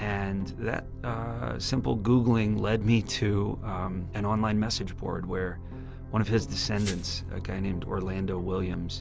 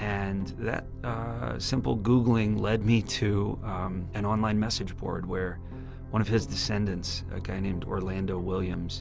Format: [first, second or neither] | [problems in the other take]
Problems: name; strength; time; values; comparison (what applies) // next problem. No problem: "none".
second | background sound (Glass); 16 dB below the speech